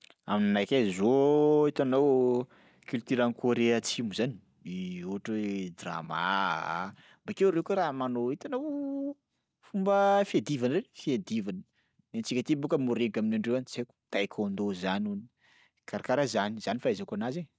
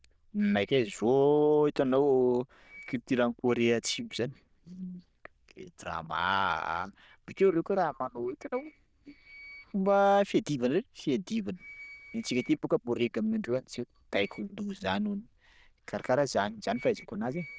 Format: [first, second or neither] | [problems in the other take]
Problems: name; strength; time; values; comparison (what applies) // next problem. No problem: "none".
first | noise reduction (neural diffusion model UNIVERSE++)